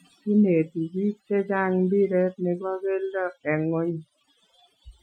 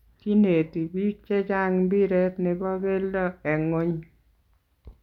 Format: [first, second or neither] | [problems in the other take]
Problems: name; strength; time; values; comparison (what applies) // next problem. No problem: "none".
second | noise reduction (classical method Wiener filter)